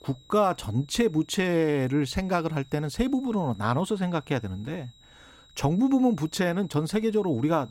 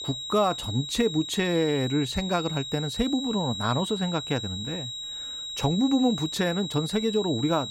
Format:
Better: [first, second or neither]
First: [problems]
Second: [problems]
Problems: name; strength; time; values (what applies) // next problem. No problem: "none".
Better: first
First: high-pitched whine; faint; throughout; 4 kHz, 30 dB below the speech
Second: high-pitched whine; loud; throughout; 4 kHz, 6 dB below the speech